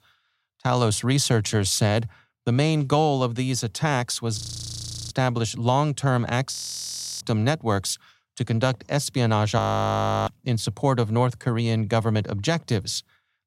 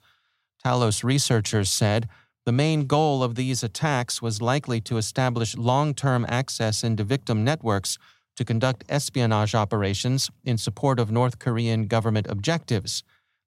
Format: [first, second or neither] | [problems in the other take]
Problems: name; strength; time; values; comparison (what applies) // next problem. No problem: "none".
second | audio freezing; at 4.5 s for 0.5 s, at 6.5 s for 0.5 s and at 9.5 s for 0.5 s